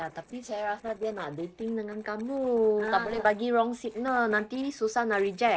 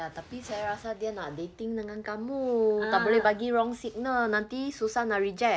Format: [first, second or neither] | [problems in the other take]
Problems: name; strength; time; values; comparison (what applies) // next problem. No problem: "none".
second | noise reduction (neural separator model SepFormer DNS4)